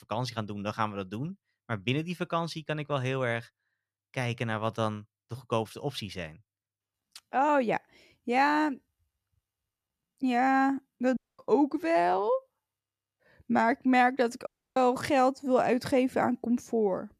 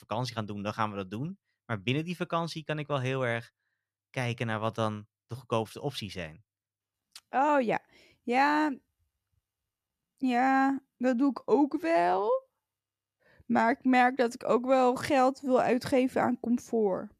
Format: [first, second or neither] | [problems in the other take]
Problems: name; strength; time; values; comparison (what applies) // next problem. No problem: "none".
second | audio cutting out; at 11 s and at 14 s